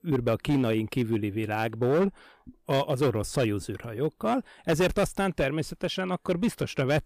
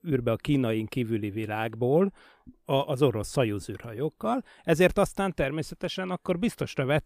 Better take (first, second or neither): second